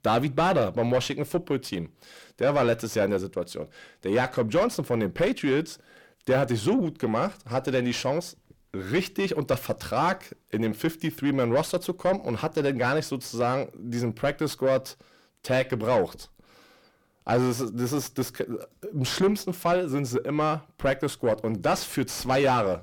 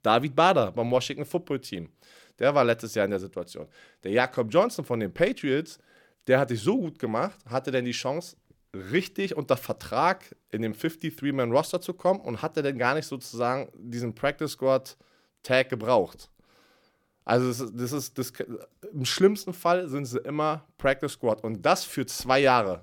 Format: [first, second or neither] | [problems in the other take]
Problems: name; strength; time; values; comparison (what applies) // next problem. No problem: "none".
second | distortion; heavy; 7 dB below the speech